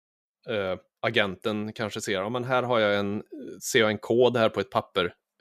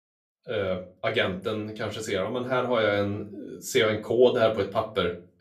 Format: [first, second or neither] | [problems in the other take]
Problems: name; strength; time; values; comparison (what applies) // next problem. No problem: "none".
first | off-mic speech; somewhat distant // room echo; very slight; dies away in 0.3 s